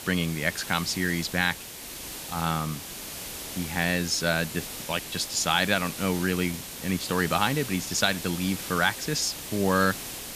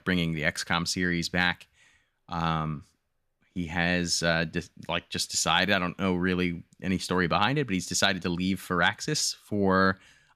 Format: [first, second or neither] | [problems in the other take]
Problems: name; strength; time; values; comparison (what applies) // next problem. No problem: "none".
second | hiss; loud; throughout; 9 dB below the speech